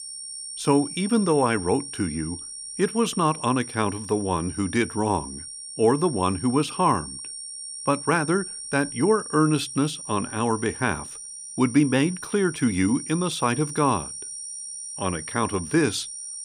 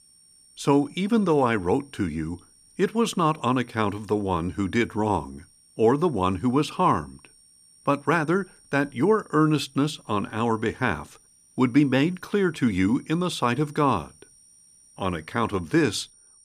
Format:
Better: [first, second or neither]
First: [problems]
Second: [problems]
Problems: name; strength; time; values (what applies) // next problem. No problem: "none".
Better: second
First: high-pitched whine; loud; throughout; 9 kHz, 10 dB below the speech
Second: high-pitched whine; faint; throughout; 9 kHz, 30 dB below the speech